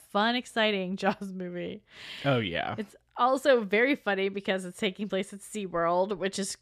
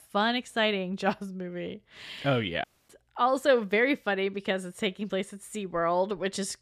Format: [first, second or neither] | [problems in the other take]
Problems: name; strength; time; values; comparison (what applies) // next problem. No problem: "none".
first | audio cutting out; at 2.5 s